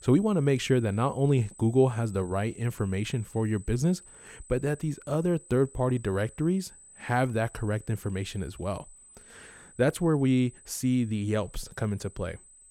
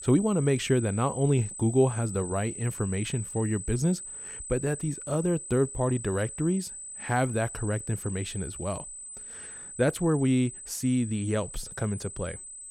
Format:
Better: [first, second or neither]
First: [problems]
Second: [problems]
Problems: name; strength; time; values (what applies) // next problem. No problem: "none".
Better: first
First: high-pitched whine; faint; throughout; 8 kHz, 20 dB below the speech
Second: high-pitched whine; loud; throughout; 8 kHz, 10 dB below the speech